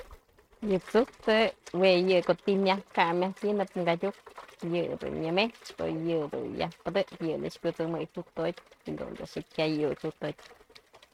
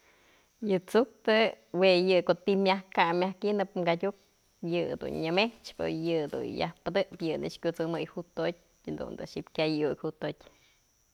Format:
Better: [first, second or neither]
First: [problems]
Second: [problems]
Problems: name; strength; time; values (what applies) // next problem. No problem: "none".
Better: second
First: noise reduction (neural mask model RNNoise)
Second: none